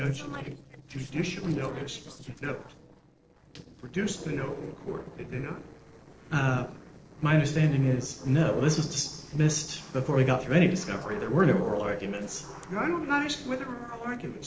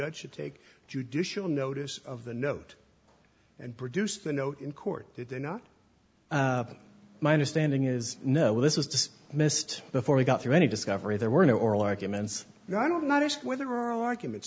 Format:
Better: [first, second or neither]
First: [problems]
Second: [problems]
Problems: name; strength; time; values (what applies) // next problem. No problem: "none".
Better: second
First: noise reduction (neural separator model SepFormer DNS4)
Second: none